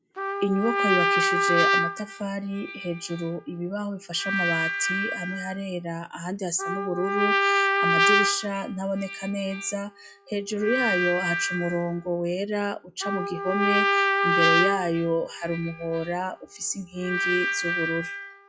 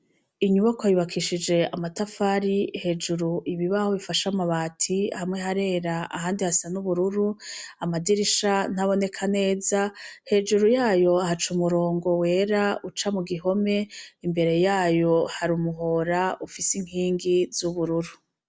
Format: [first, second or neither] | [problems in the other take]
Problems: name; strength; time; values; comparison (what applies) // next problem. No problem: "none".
second | noise reduction (classical method log-MMSE)